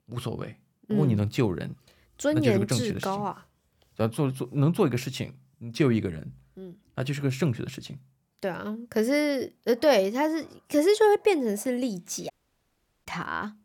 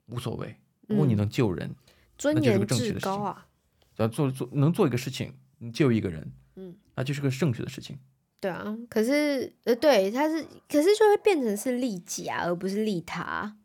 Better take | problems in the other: second | audio cutting out; at 12 s for 1 s

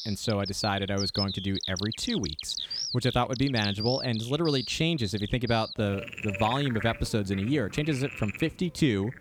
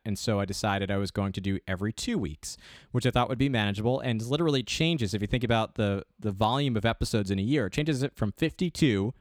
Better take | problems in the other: second | animal sounds; loud; throughout; 6 dB below the speech

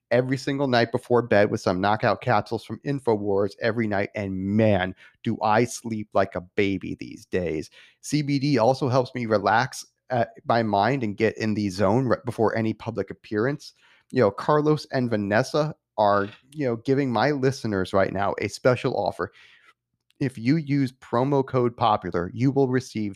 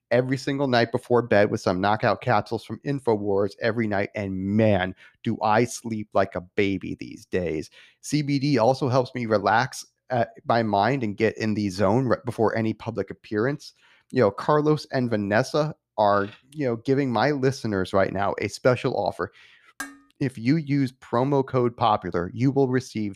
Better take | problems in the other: first | clattering dishes; faint; at 20 s; peak 15 dB below the speech

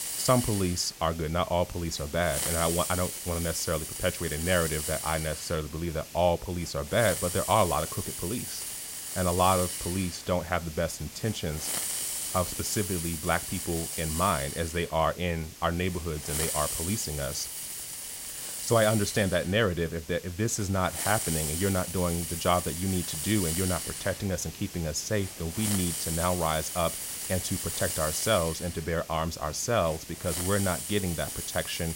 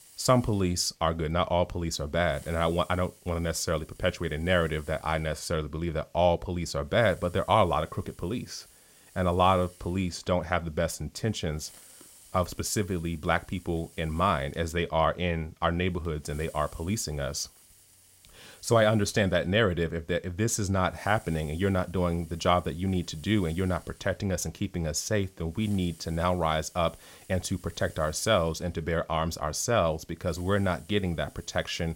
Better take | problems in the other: second | hiss; loud; throughout; 4 dB below the speech; faint in the second

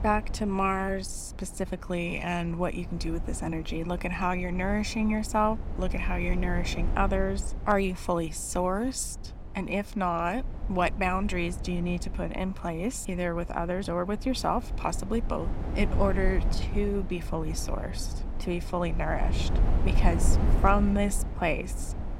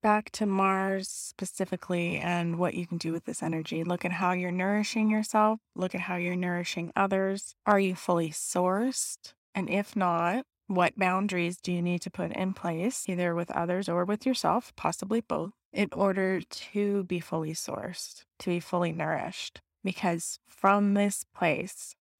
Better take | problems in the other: second | wind noise on the microphone; occasional gusts; 15 dB below the speech

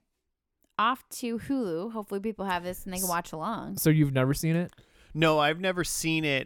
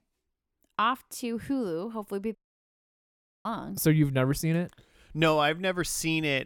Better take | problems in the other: first | audio cutting out; at 2.5 s for 1 s

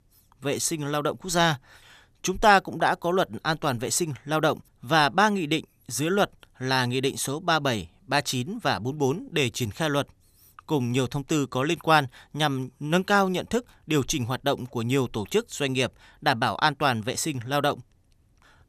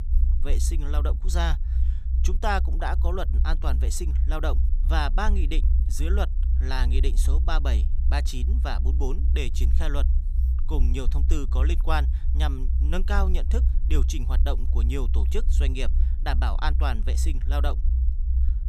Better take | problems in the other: first | low rumble; noticeable; throughout; 10 dB below the speech

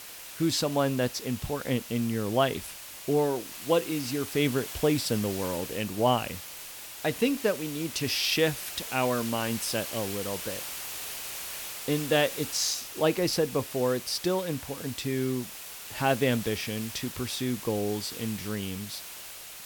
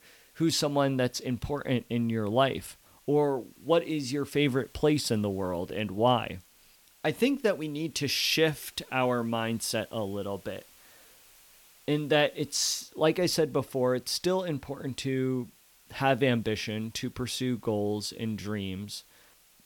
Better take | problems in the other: second | hiss; loud; throughout; 9 dB below the speech; faint in the second

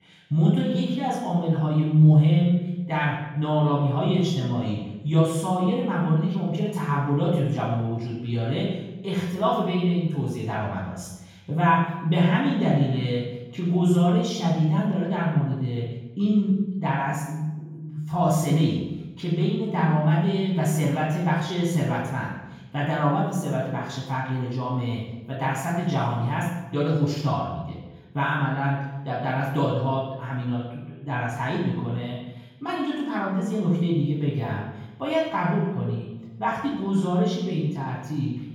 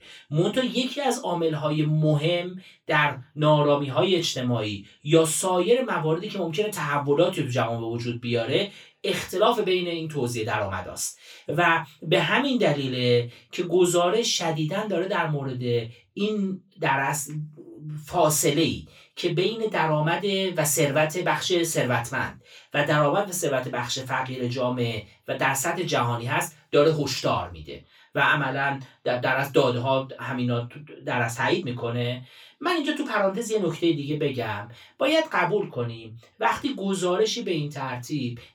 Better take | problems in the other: second | room echo; strong; dies away in 1.3 s; slight in the second // off-mic speech; far; far in the second

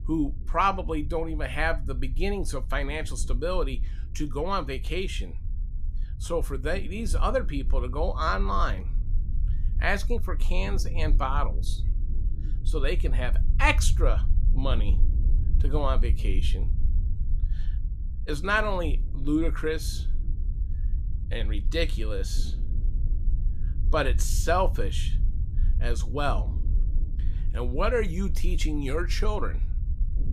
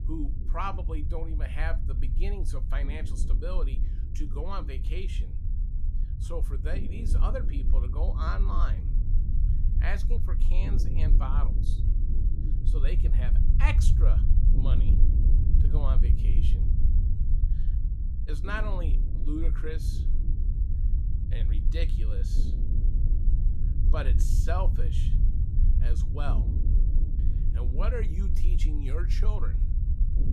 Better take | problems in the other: first | low rumble; loud; throughout; 7 dB below the speech; faint in the first

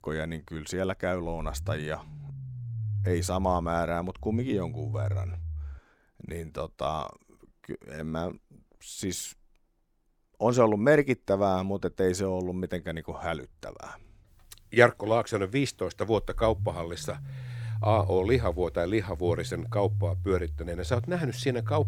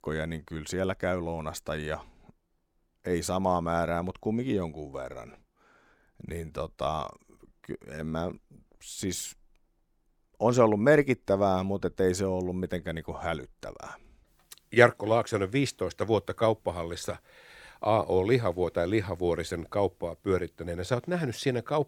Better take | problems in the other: second | low rumble; faint; until 6 s and from 13 s on; 20 dB below the speech

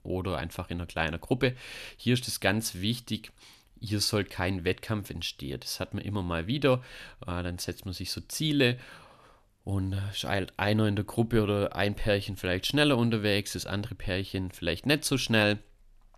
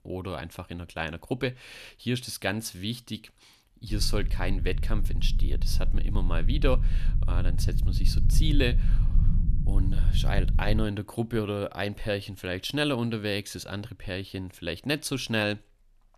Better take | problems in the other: first | low rumble; noticeable; from 4 to 11 s; 15 dB below the speech

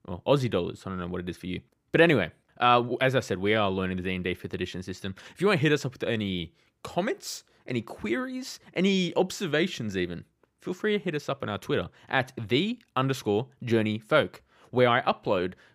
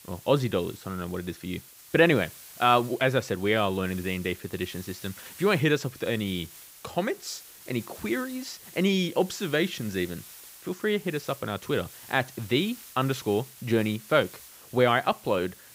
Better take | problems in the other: first | hiss; noticeable; throughout; 20 dB below the speech

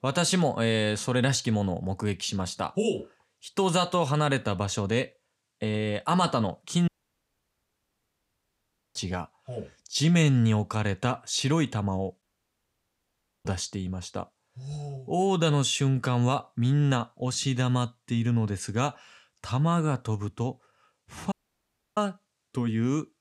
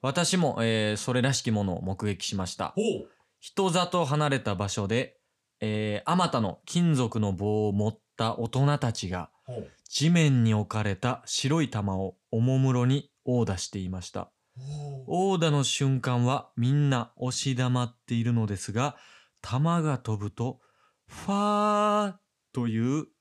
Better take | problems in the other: second | audio cutting out; at 7 s for 2 s, at 12 s for 1 s and at 21 s for 0.5 s

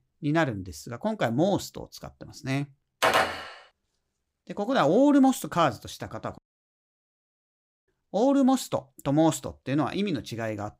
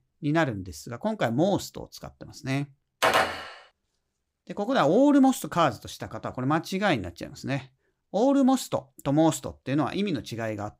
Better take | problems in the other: second | audio cutting out; at 6.5 s for 1.5 s

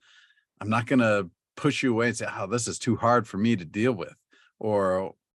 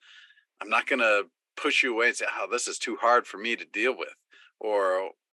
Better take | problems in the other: first | thin; very; fading below 350 Hz

